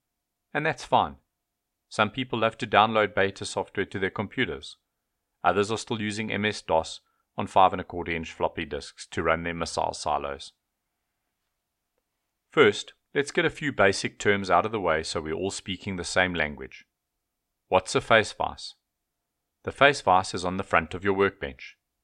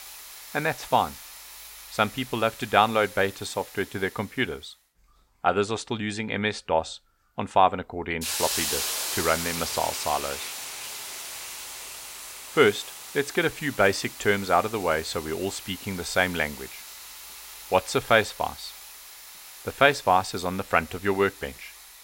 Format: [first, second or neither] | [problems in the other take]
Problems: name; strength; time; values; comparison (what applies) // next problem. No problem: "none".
first | hiss; loud; throughout; 9 dB below the speech